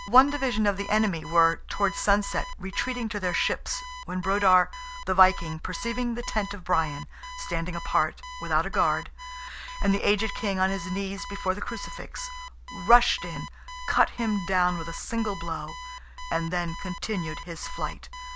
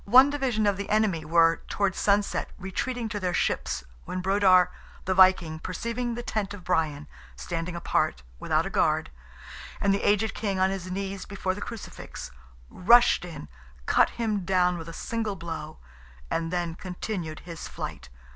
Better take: second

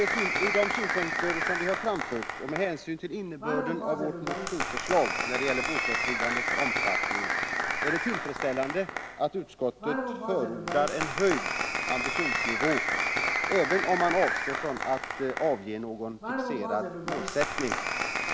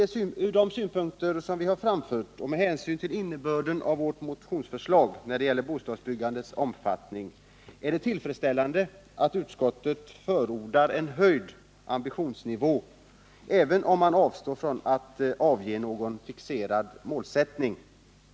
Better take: second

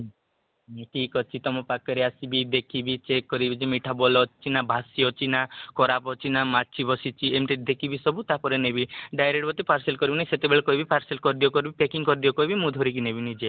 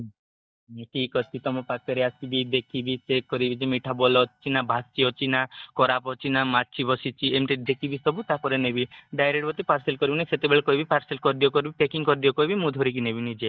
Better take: first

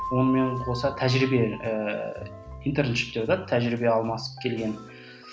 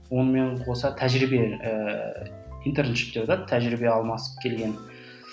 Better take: second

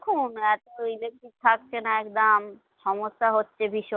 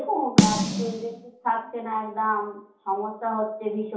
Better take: first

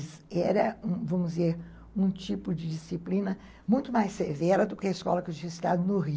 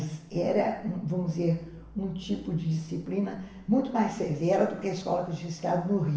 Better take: first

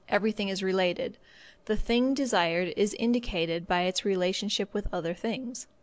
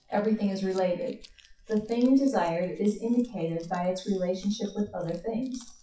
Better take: first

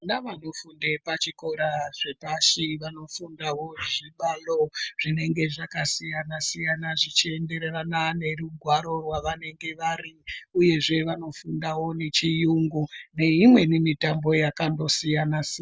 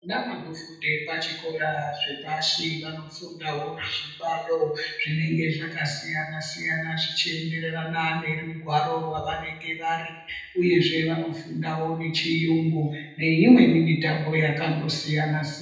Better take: first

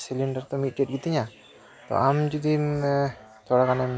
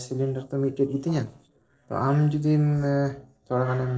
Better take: first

